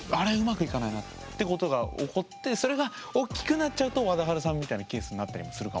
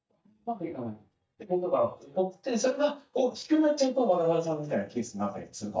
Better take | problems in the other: first | noise reduction (neural mask model DeepFilterNet 3)

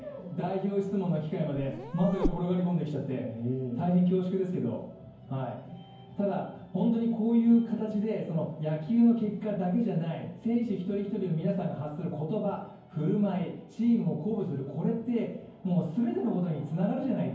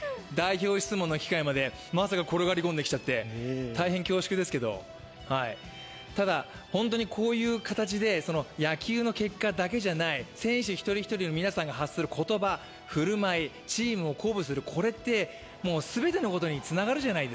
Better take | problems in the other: second | background sound (Meow); 5 dB below the speech // room echo; dies away in 0.9 s

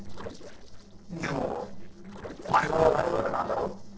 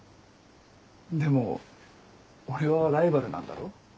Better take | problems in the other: second | noise reduction (neural separator model SepFormer DNS4)

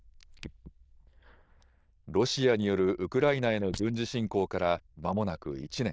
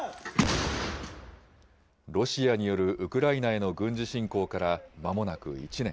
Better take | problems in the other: second | noise reduction (neural diffusion model UNIVERSE++)

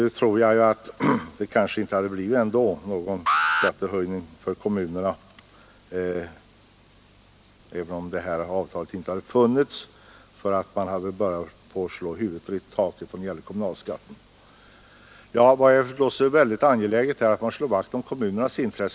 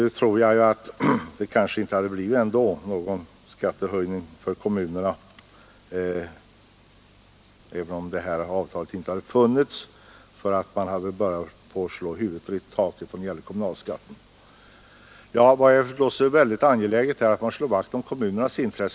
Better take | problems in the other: second | background sound (Alarm); 2 dB below the speech

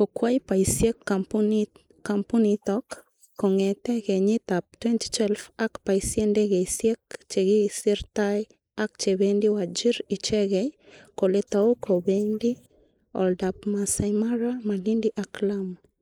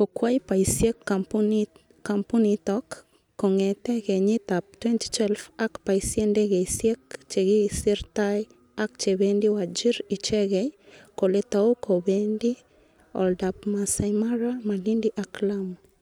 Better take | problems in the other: second | noise reduction (neural mask model Resemble Enhance denoiser)

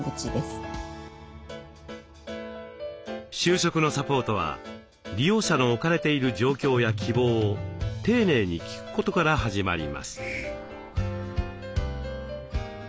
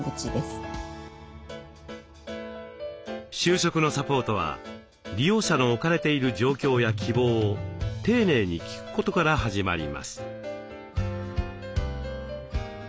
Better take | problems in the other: second | background sound (Hiss); 15 dB below the speech

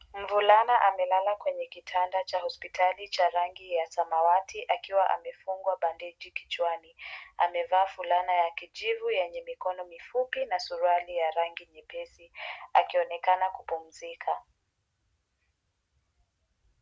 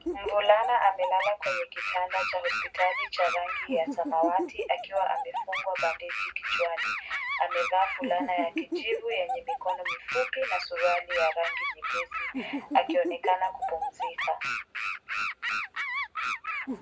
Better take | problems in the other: first | background sound (Animal); 3 dB below the speech // room echo; dies away in 0.3 s

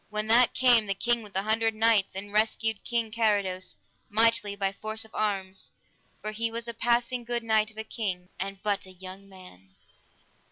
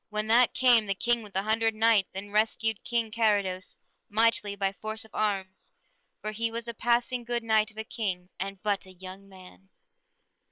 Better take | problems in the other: first | noise reduction (neural separator model SepFormer WHAM!)

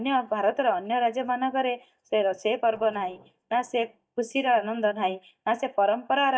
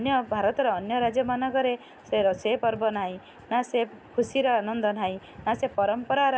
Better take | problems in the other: second | noise reduction (neural mask model DeepFilterNet 3)

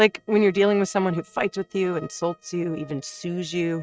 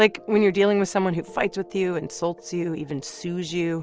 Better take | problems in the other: second | noise reduction (neural mask model RNNoise)

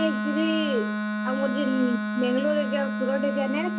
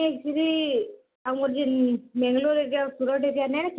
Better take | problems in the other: second | background sound (Wind instrument, woodwind instrument); 1 dB below the speech

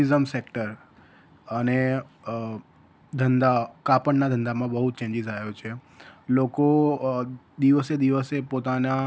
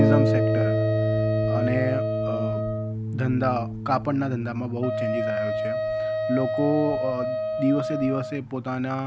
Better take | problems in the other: first | background sound (Harp + Wind instrument, woodwind instrument); 3 dB above the speech

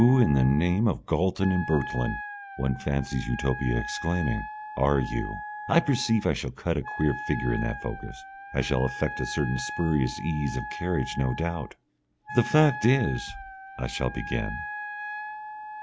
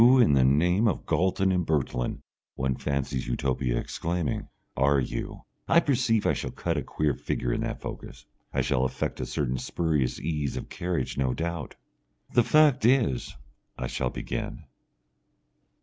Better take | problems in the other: second | background sound (Wind instrument, woodwind instrument); 11 dB below the speech

